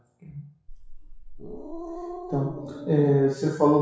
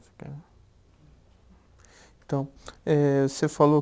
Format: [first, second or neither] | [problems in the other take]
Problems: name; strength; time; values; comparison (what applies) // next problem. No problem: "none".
second | noise reduction (classical method WPE with log-MMSE)